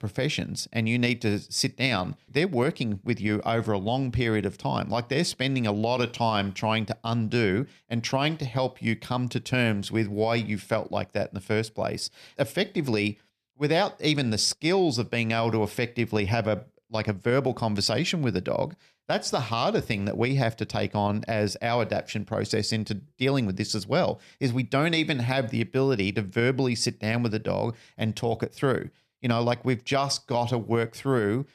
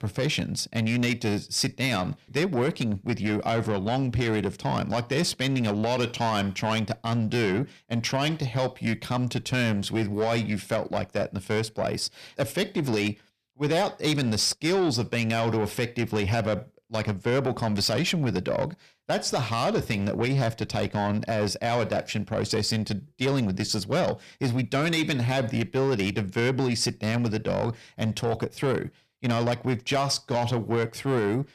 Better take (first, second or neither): first